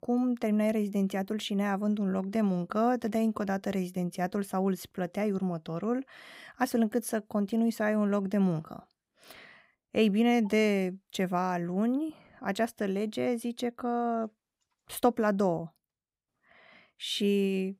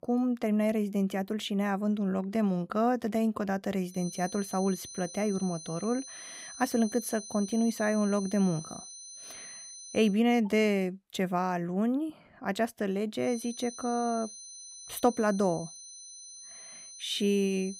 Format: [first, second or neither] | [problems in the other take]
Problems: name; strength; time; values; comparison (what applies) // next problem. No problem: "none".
first | high-pitched whine; noticeable; from 4 to 10 s and from 13 s on; 6 kHz, 15 dB below the speech